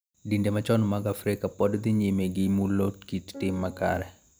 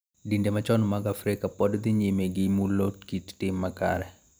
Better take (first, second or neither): second